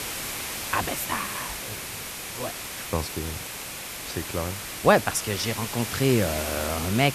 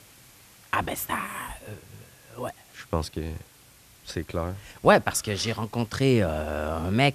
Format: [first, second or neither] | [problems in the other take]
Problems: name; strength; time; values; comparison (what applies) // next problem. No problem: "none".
second | hiss; loud; throughout; 5 dB below the speech; faint in the second